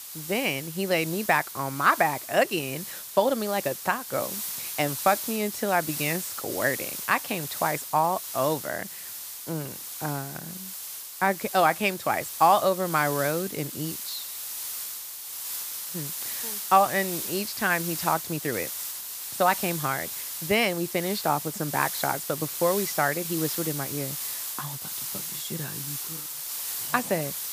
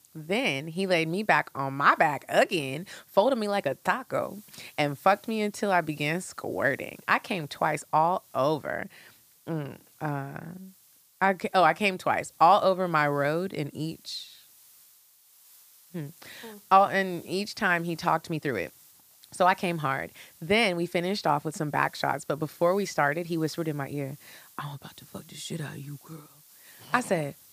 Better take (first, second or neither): second